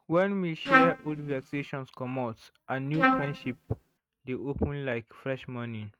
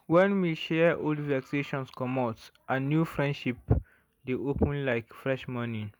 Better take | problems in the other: second | noise reduction (neural mask model RNNoise)

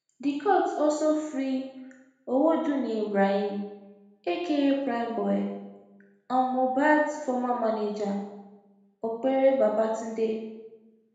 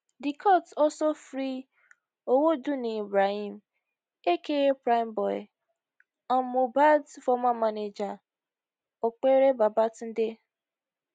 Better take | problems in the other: second | room echo; dies away in 0.9 s

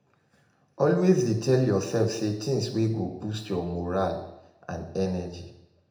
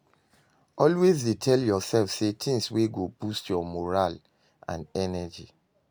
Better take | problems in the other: second | room echo; dies away in 0.7 s

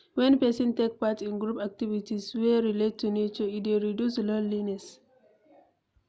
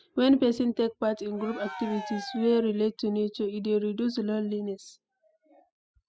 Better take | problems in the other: first | noise reduction (classical method spectral subtraction)

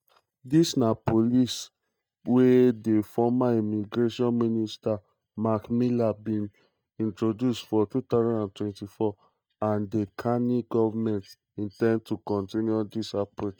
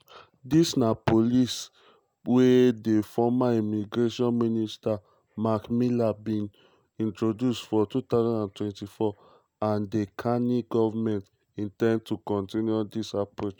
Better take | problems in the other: second | noise reduction (neural mask model DeepFilterNet 3)

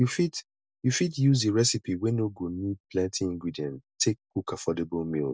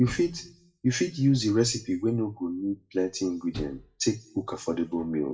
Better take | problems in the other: first | noise reduction (classical method WPE with log-MMSE)

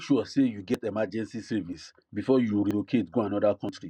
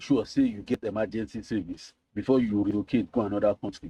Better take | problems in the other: first | noise reduction (neural mask model RNNoise)

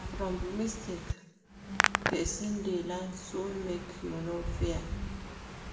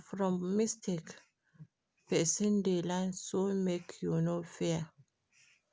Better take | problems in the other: second | background sound (Hands); as loud as the speech // room echo; dies away in 0.8 s

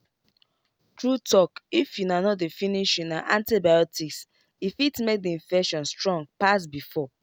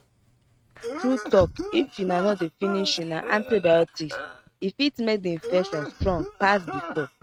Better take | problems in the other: first | noise reduction (neural mask model RNNoise)

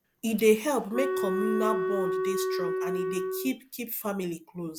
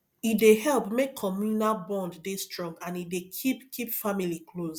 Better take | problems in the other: second | background sound (Wind instrument, woodwind instrument); as loud as the speech

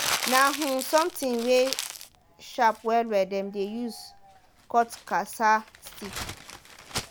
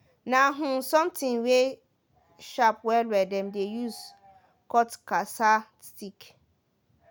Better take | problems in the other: second | background sound (Crumpling, crinkling); 9 dB below the speech

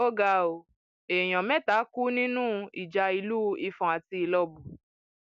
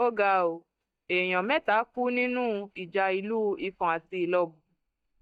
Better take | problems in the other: first | noise reduction (neural mask model DeepFilterNet 3)

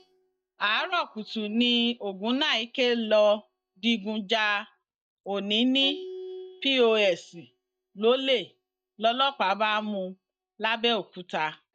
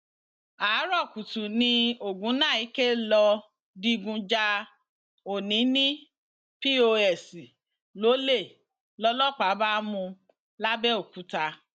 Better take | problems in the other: second | noise reduction (neural mask model DeepFilterNet 3)

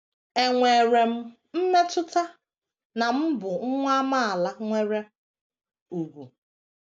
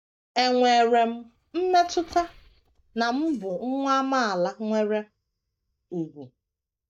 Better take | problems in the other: first | noise reduction (neural mask model DeepFilterNet 3)

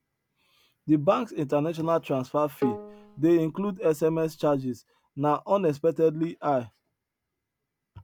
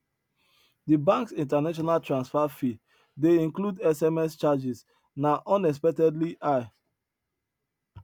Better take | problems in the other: second | background sound (Bowed string instrument); 11 dB below the speech

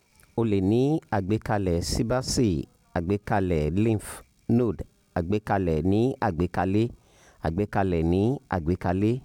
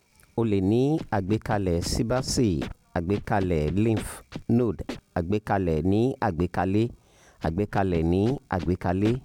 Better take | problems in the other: first | background sound (Scratching (performance technique)); 16 dB below the speech

